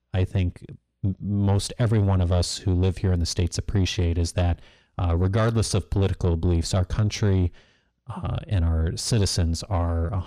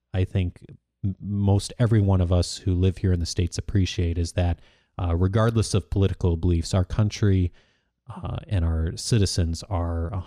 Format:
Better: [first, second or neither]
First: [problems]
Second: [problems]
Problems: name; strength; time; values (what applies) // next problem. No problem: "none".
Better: second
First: distortion; slight; 10 dB below the speech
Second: none